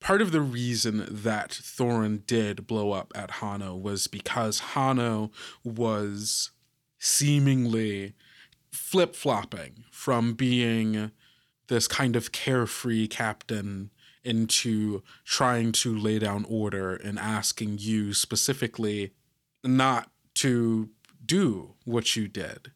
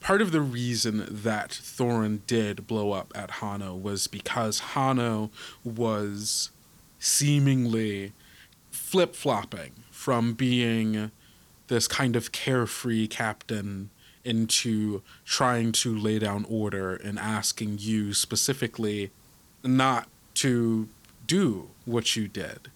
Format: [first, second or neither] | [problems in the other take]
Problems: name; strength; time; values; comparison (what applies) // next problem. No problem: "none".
first | hiss; faint; throughout; 30 dB below the speech